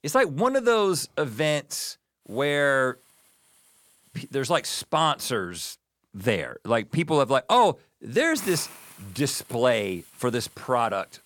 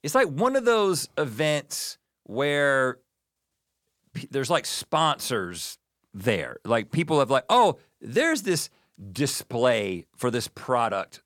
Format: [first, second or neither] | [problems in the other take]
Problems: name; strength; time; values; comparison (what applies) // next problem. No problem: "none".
second | hiss; noticeable; from 2.5 to 5 s and from 7 s on; 20 dB below the speech